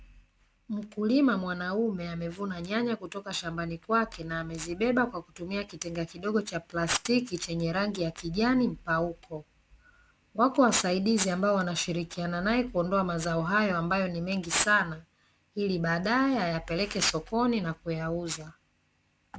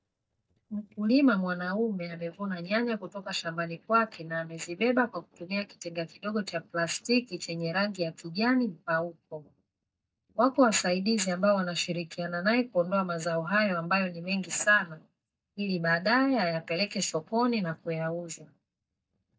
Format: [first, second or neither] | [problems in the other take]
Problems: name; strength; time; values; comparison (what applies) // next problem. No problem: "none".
first | noise reduction (neural mask model DeepFilterNet 3)